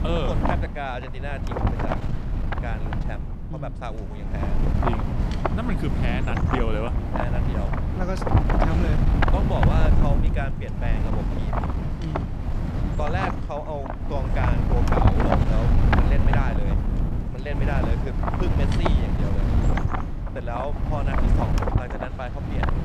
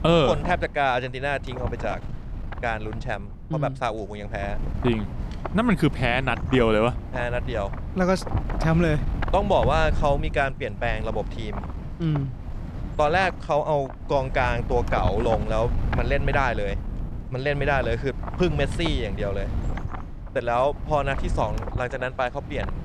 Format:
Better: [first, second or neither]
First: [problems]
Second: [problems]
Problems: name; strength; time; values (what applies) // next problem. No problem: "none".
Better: second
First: wind noise on the microphone; heavy; 3 dB above the speech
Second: wind noise on the microphone; occasional gusts; 15 dB below the speech